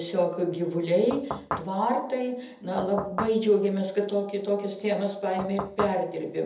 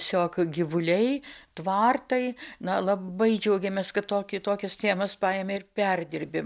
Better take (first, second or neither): second